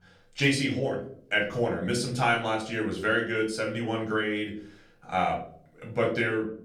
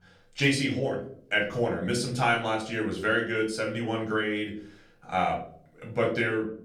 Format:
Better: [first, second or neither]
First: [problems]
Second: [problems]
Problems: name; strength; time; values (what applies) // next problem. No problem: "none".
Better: neither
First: off-mic speech; far // room echo; slight; dies away in 0.4 s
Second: off-mic speech; far // room echo; slight; dies away in 0.4 s